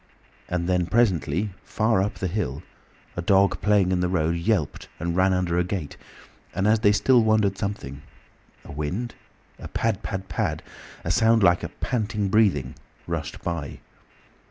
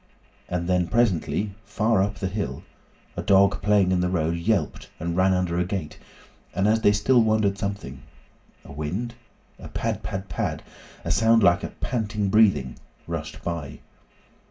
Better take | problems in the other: first | room echo; dies away in 0.2 s

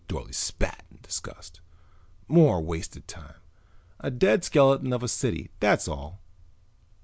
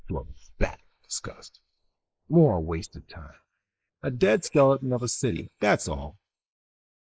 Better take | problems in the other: first | noise reduction (neural mask model Resemble Enhance denoiser)

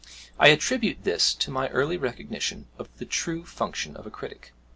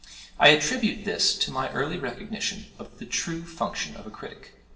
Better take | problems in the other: first | room echo; dies away in 0.7 s

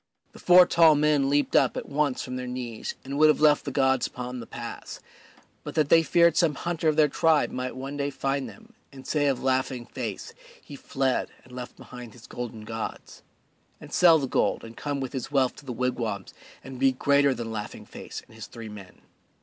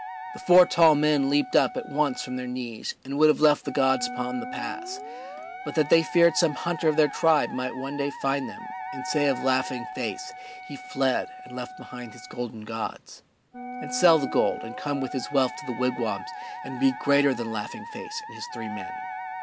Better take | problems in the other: first | background sound (Musical instrument + Wind instrument, woodwind instrument); 12 dB below the speech

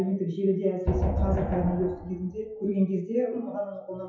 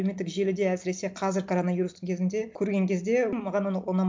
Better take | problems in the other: second | noise reduction (classical method WPE with log-MMSE)

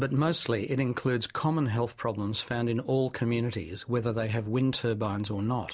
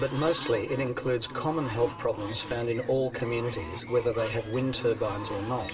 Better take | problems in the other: first | background sound (Fowl); 14 dB below the speech // room echo; dies away in 2.6 s

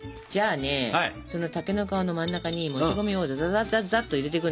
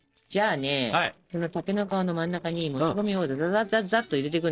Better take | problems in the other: first | noise reduction (neural separator model SepFormer DNS4)

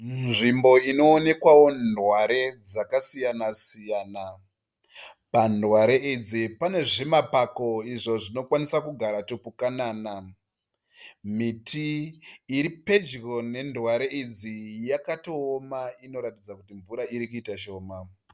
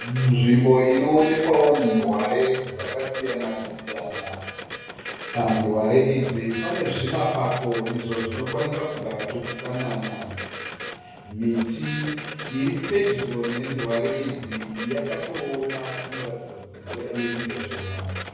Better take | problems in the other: first | background sound (Printer); 11 dB below the speech // room echo; dies away in 1.3 s

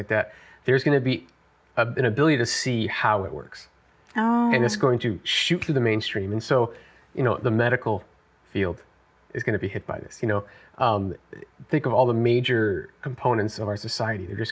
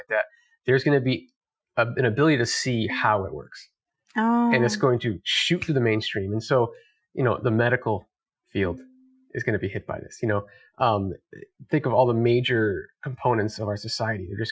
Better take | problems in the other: first | noise reduction (classical method Wiener filter)

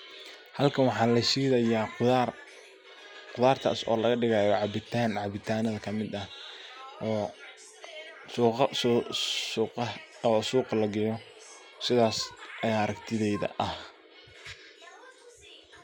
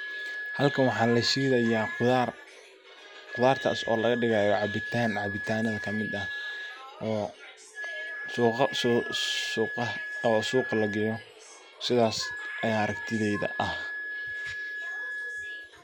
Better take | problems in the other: first | background sound (Wind instrument, woodwind instrument); 8 dB below the speech

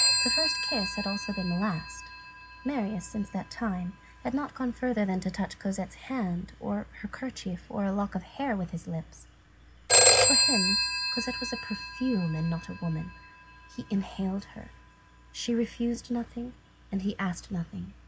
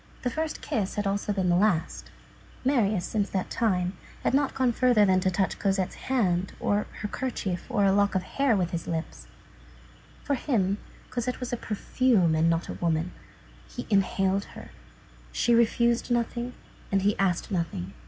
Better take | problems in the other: second | background sound (Telephone); 1 dB above the speech

